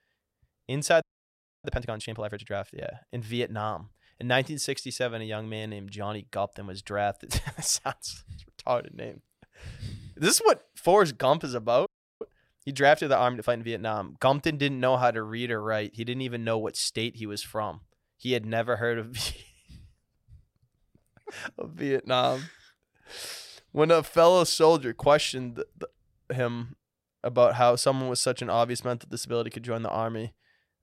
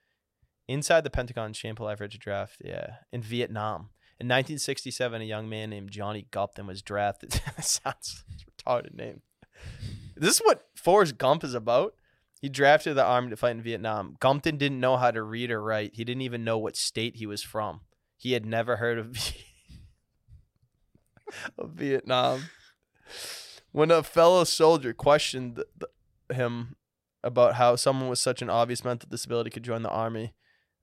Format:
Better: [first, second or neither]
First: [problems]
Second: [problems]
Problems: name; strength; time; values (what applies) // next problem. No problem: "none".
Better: second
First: audio freezing; at 1 s for 0.5 s and at 12 s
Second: none